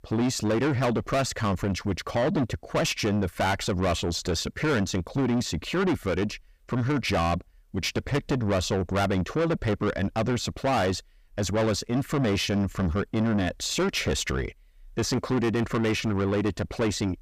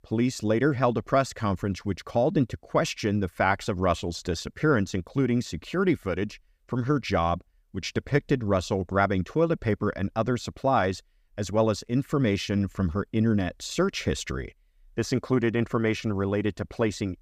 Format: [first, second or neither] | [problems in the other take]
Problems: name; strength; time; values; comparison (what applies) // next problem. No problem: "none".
second | distortion; heavy; 6 dB below the speech